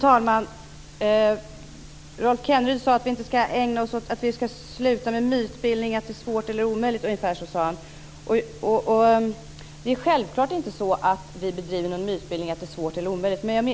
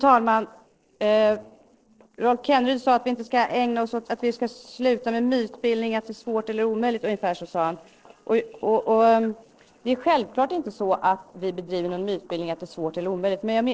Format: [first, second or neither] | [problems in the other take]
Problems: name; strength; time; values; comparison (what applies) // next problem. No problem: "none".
first | noise reduction (neural separator model SepFormer DNS4)